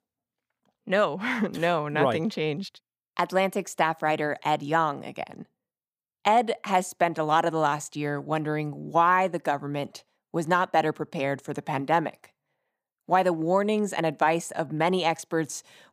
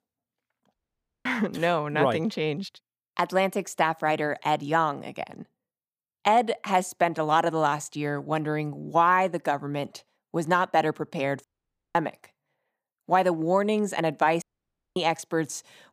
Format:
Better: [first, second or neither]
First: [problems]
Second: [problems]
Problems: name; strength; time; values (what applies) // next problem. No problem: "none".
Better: first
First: none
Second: audio cutting out; at 0.5 s for 0.5 s, at 11 s for 0.5 s and at 14 s for 0.5 s